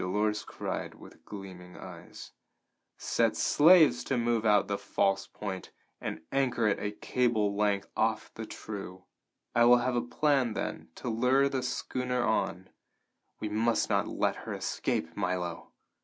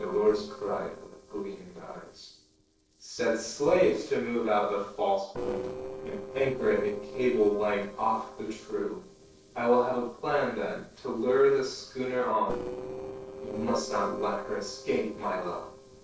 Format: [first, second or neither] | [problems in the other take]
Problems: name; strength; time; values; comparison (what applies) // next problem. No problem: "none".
first | noise reduction (neural separator model SepFormer DNS4)